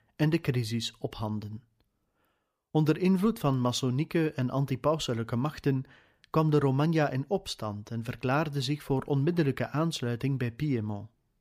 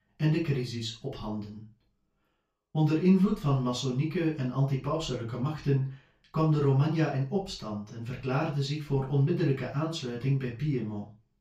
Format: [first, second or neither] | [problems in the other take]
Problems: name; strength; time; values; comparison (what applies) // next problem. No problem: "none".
first | room echo; noticeable; dies away in 0.3 s // off-mic speech; far